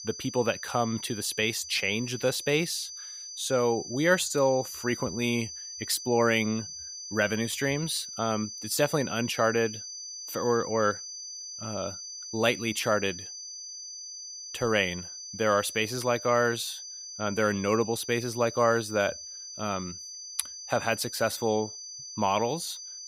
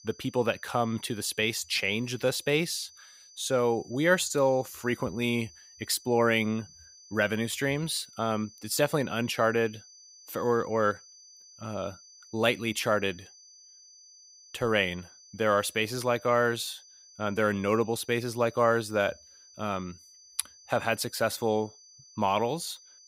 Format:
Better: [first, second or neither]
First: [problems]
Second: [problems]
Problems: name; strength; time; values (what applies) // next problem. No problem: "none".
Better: second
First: high-pitched whine; loud; throughout; 6 kHz, 10 dB below the speech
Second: high-pitched whine; faint; throughout; 6 kHz, 25 dB below the speech